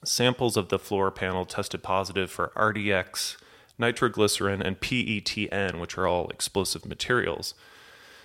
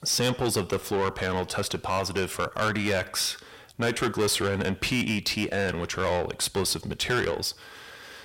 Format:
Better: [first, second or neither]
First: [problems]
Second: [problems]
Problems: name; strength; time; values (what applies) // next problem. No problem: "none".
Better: first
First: none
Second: distortion; heavy; 6 dB below the speech